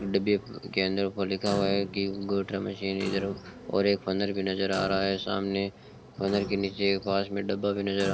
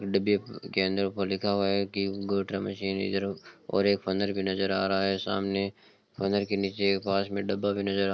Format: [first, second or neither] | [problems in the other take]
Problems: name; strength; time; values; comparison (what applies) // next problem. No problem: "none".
second | background sound (Clock); 14 dB below the speech